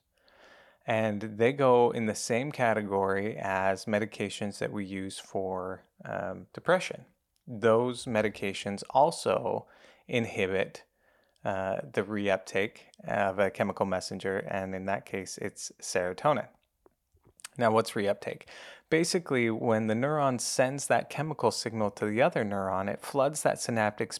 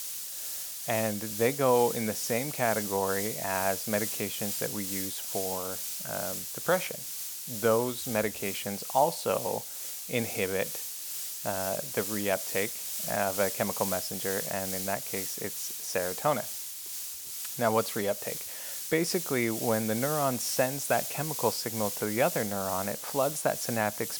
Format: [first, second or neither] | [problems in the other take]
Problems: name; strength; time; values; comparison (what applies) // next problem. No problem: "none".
first | hiss; loud; throughout; 3 dB below the speech